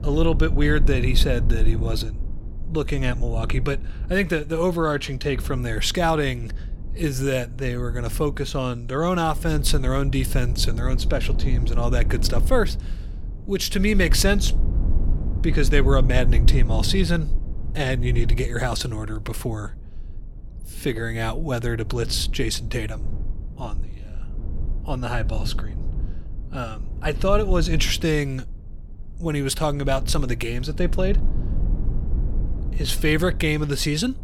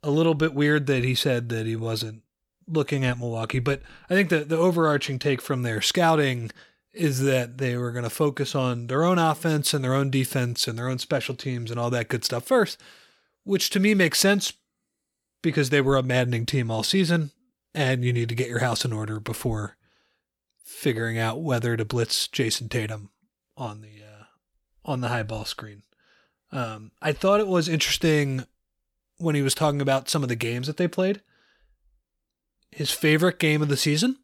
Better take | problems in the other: second | low rumble; noticeable; throughout; 15 dB below the speech

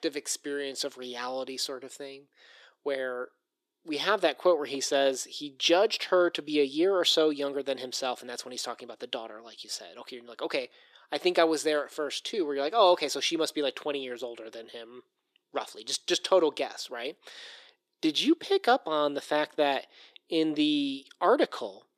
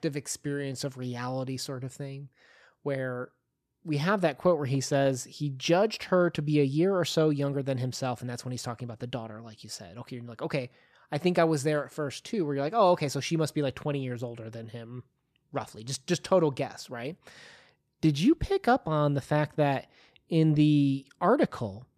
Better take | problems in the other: second | thin; somewhat; fading below 350 Hz

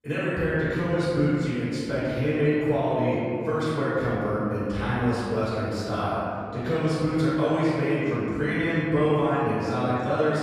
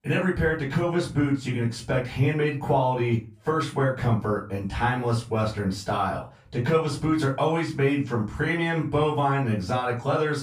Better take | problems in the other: second | room echo; strong; dies away in 2.7 s; slight in the second // off-mic speech; far; far in the second

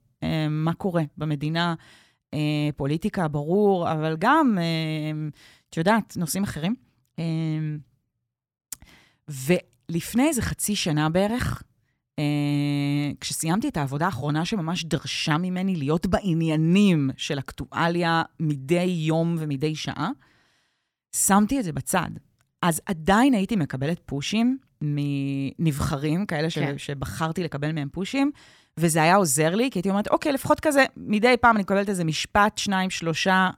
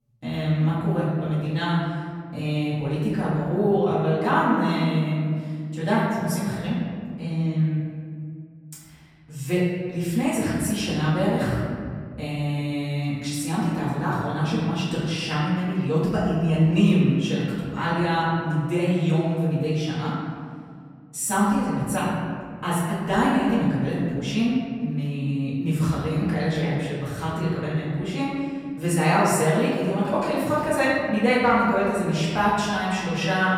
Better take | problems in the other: first | off-mic speech; far // room echo; noticeable; dies away in 2 s

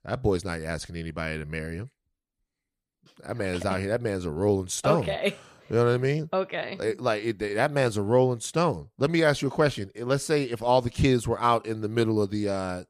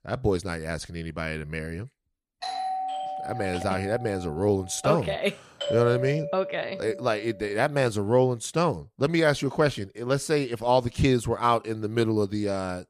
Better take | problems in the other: first | doorbell; noticeable; from 2.5 to 4.5 s and from 5.5 to 7.5 s; peak 3 dB below the speech

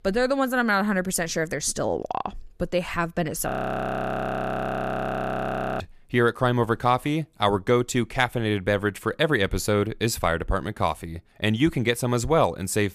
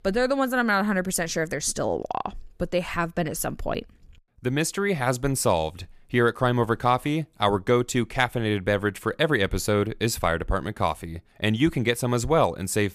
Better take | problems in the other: second | audio freezing; at 3.5 s for 2.5 s

